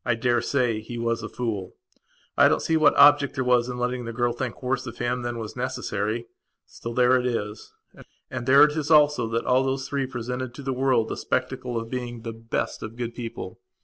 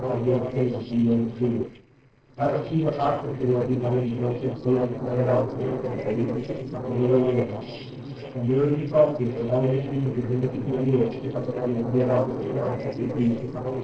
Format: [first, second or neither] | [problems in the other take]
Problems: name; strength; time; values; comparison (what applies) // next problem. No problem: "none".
first | noise reduction (neural separator model SepFormer DNS4)